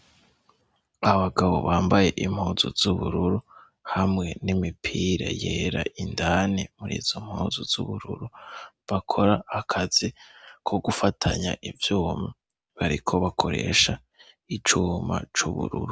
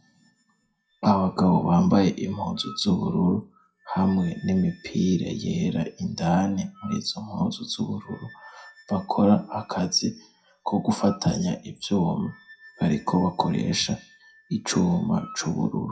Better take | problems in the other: first | noise reduction (classical method WPE with log-MMSE)

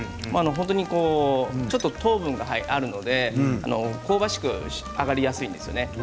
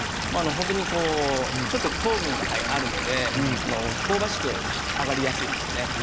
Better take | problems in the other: first | background sound (Stream / Liquid); as loud as the speech

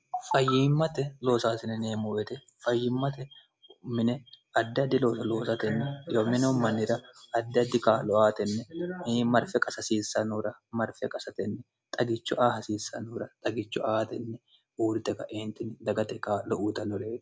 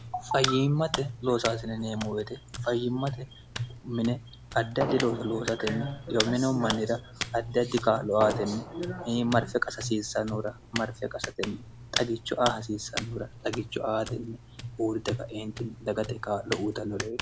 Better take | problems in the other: first | background sound (Fireworks + Hands); 8 dB below the speech

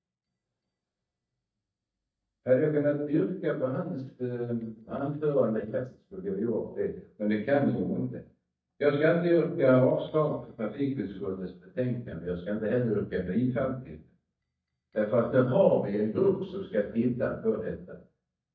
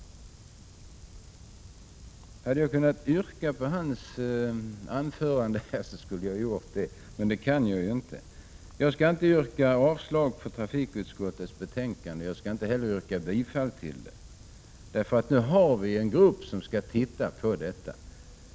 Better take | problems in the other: second | noise reduction (neural mask model DeepFilterNet 3)

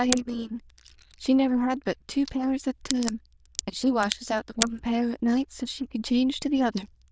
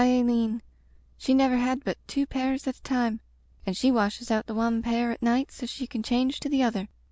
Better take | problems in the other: second | noise reduction (neural diffusion model UNIVERSE++)

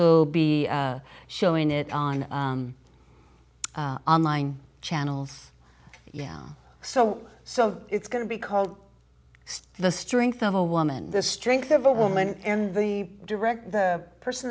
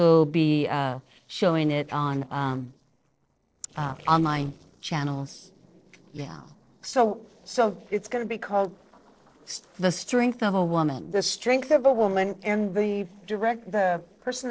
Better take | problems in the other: first | noise reduction (neural separator model SepFormer DNS4)

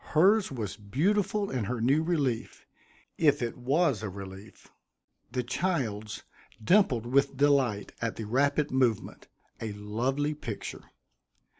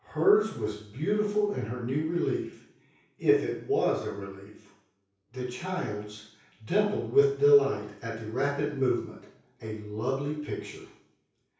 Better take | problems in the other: first | room echo; dies away in 0.6 s

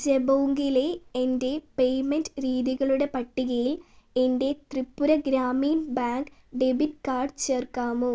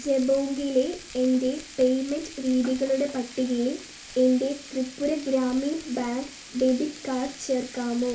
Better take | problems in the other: first | background sound (Frying (food)); 17 dB below the speech // room echo; dies away in 0.3 s

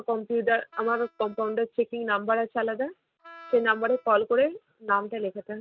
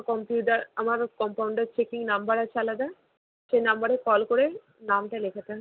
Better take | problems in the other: second | noise reduction (neural mask model RNNoise)

